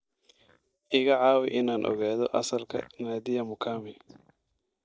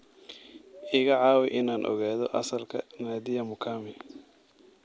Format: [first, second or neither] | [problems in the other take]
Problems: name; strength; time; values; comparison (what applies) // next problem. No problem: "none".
second | noise reduction (neural mask model DeepFilterNet 3)